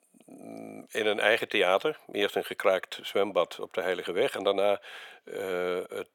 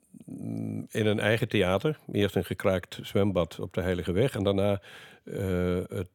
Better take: second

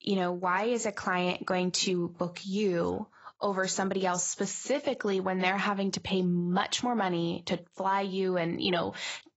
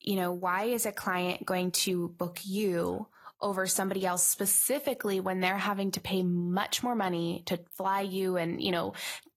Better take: second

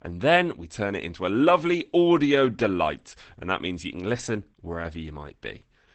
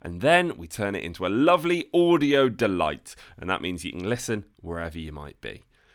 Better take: second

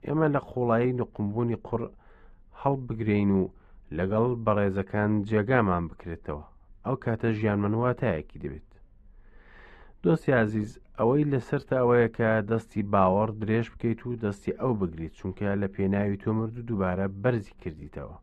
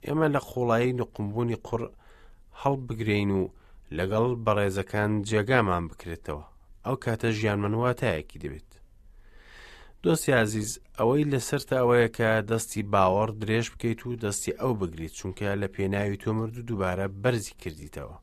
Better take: second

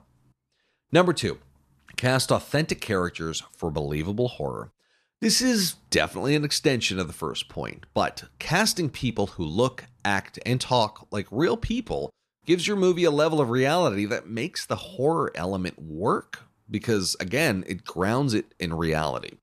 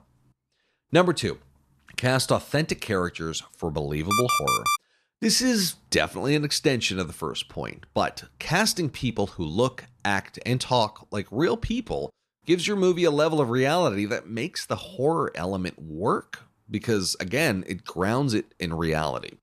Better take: first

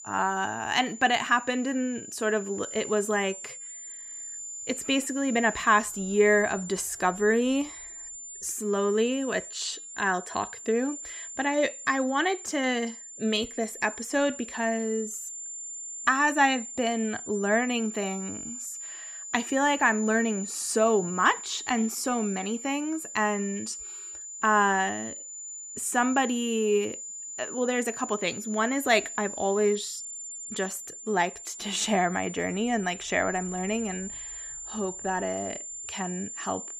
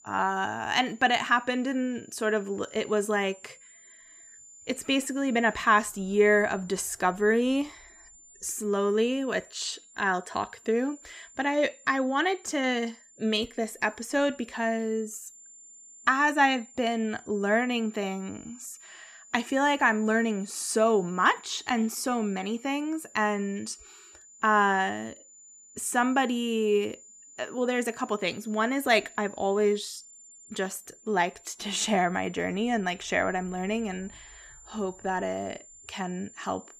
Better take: second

